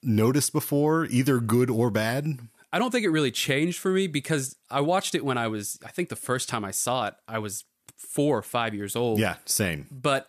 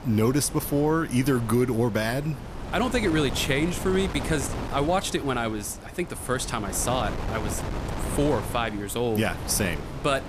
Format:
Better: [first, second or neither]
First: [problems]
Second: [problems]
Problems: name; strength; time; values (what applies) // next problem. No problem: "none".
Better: first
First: none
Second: wind noise on the microphone; heavy; 10 dB below the speech